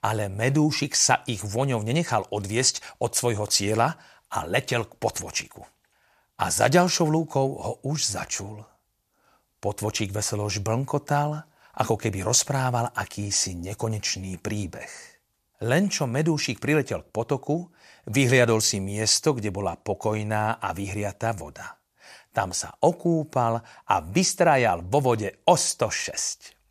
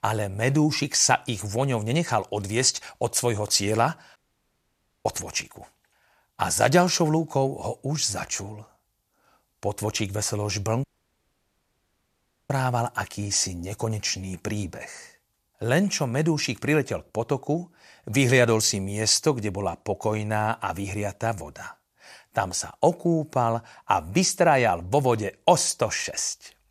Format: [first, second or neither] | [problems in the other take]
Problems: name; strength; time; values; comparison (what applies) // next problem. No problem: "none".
first | audio cutting out; at 4 s for 1 s and at 11 s for 1.5 s